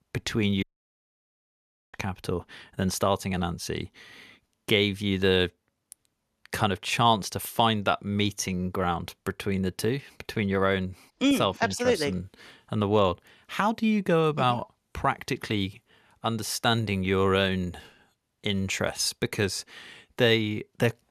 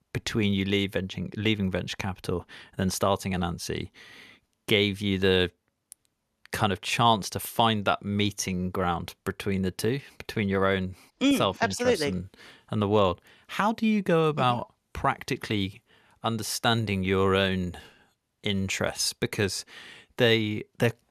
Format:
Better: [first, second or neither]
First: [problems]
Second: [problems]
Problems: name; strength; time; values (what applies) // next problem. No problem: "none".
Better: second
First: audio cutting out; at 0.5 s for 1.5 s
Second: none